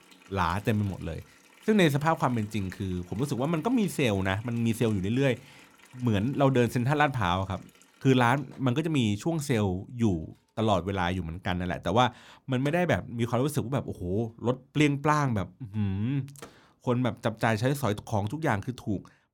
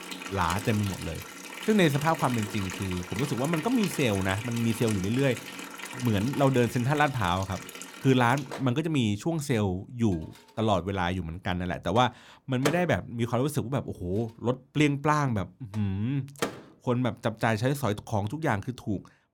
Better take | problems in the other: first | household noises; loud; throughout; 9 dB below the speech; faint in the first

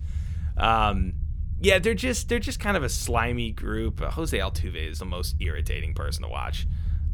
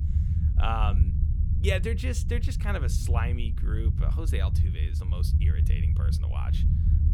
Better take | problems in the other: first | low rumble; loud; throughout; 7 dB below the speech; faint in the first

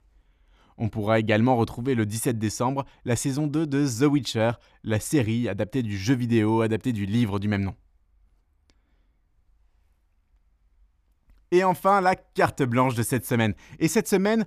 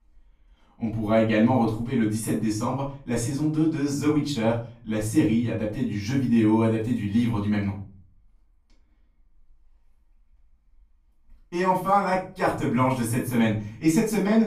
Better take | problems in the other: first | off-mic speech; far // room echo; slight; dies away in 0.4 s

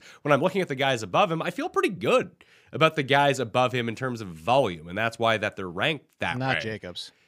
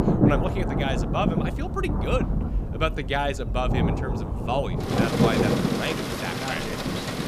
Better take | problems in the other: first | rain or running water; very loud; throughout; 4 dB above the speech

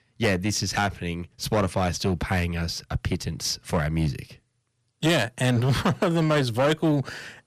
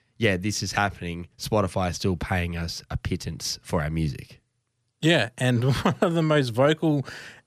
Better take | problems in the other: second | distortion; slight; 7% of the sound clipped

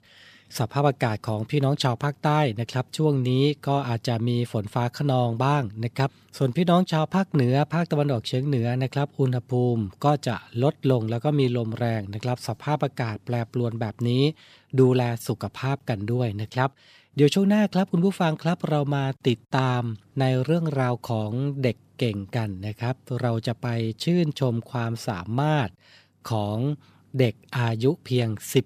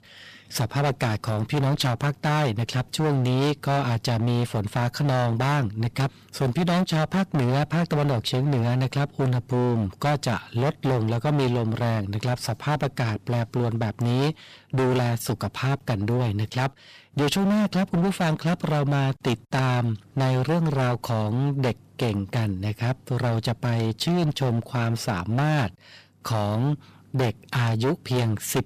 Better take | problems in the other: first | distortion; heavy; 23% of the sound clipped

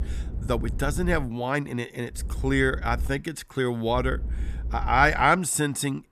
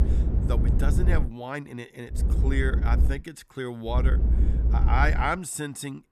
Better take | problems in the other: first | low rumble; loud; until 1 s, at 2 s and from 4 to 5.5 s; 9 dB below the speech; faint in the first

